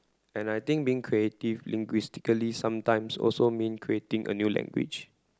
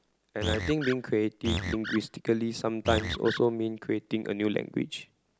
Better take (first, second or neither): first